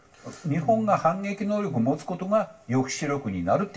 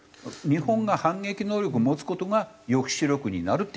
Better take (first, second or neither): second